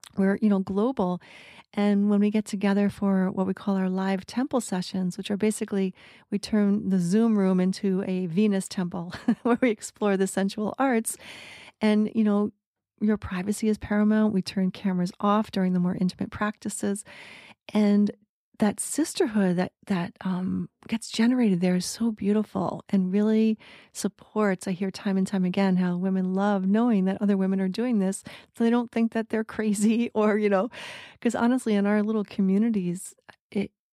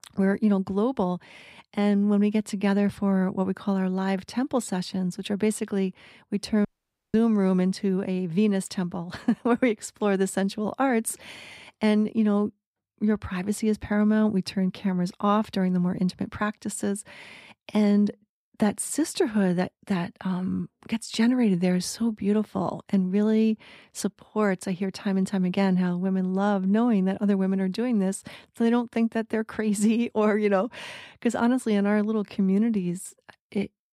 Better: first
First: none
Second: audio cutting out; at 6.5 s

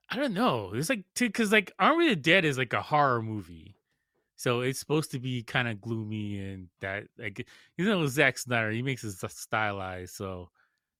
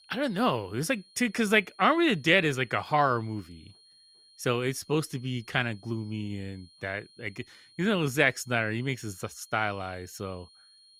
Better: first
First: none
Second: high-pitched whine; faint; throughout; 4.5 kHz, 25 dB below the speech

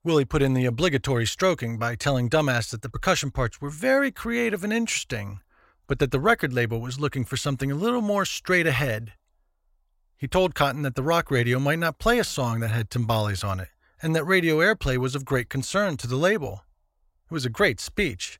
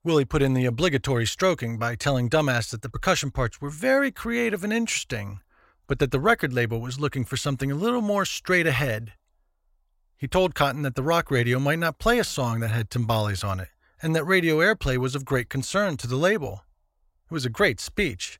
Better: neither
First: none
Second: none

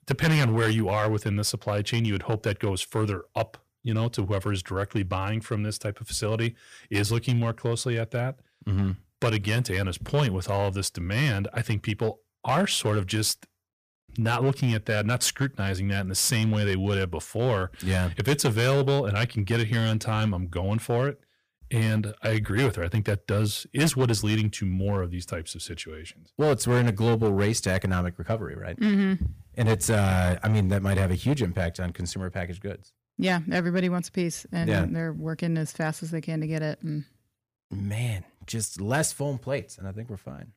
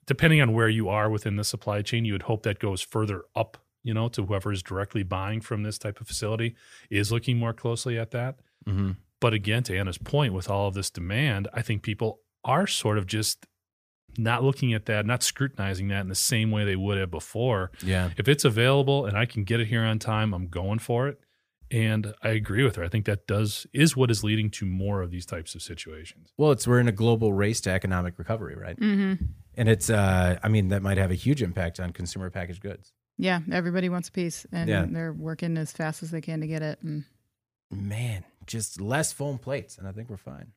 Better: second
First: distortion; slight; 5% of the sound clipped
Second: none

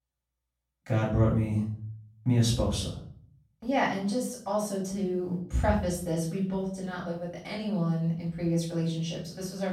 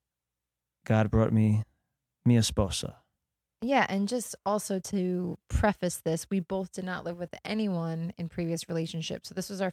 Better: second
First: off-mic speech; far // room echo; noticeable; dies away in 0.5 s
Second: none

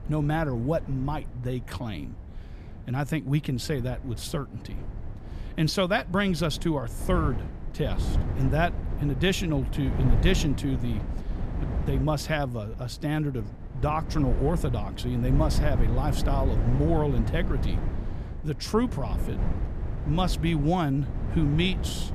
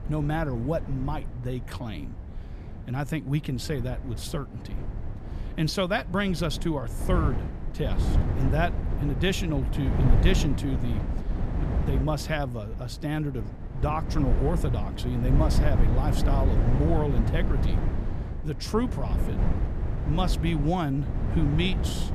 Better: first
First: wind noise on the microphone; occasional gusts; 10 dB below the speech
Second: wind noise on the microphone; heavy; 7 dB below the speech

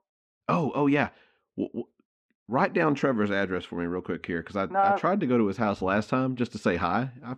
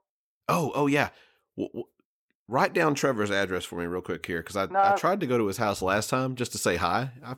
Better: second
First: muffled; slightly; fading above 3 kHz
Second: none

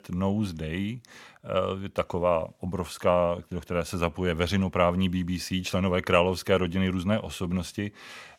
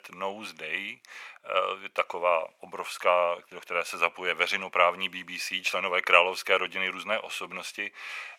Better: first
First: none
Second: thin; very; fading below 650 Hz

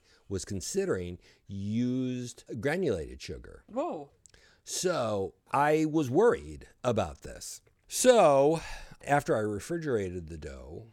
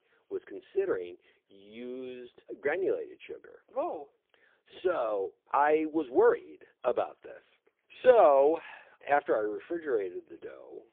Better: first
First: none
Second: phone-call audio; poor line

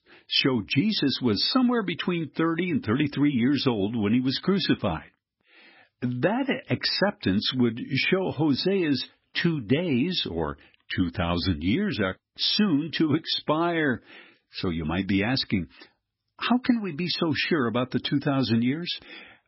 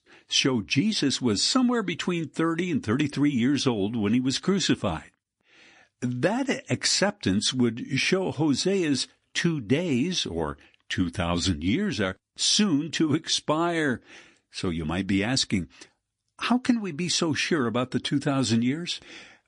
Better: second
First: garbled, watery; badly; nothing above 5.5 kHz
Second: garbled, watery; slightly; nothing above 10 kHz

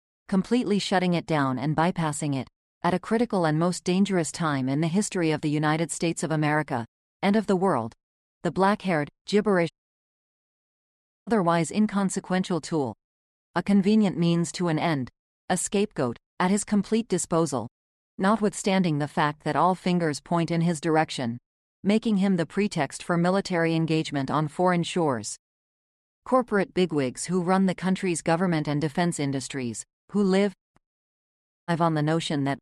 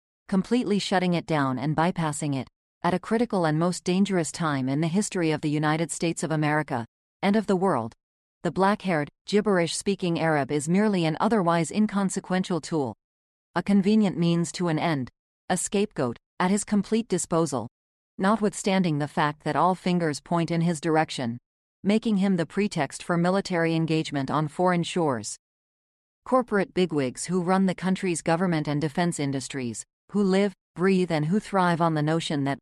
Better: second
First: audio cutting out; at 9.5 s for 1.5 s and at 31 s for 1 s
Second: none

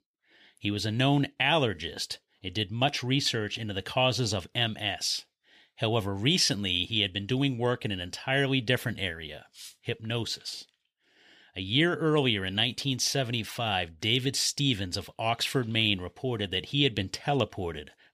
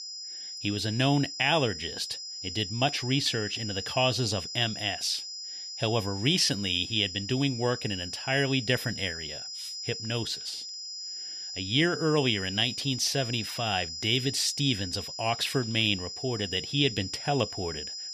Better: first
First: none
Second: high-pitched whine; loud; throughout; 5 kHz, 7 dB below the speech

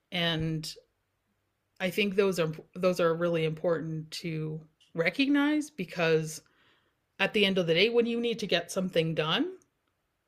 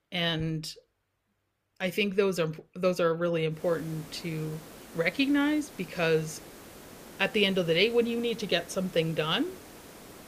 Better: first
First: none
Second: hiss; noticeable; from 3.5 s on; 20 dB below the speech

